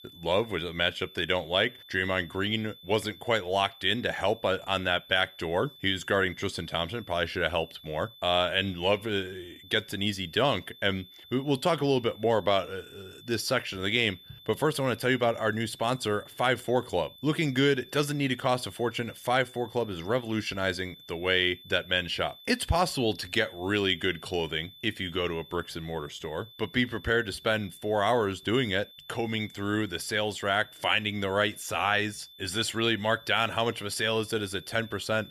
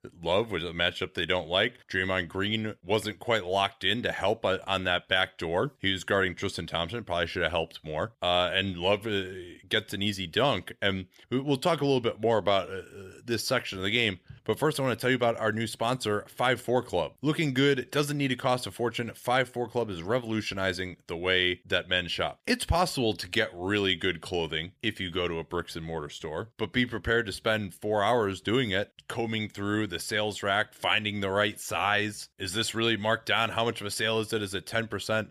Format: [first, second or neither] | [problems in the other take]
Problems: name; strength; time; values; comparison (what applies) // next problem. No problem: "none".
second | high-pitched whine; faint; throughout; 3.5 kHz, 20 dB below the speech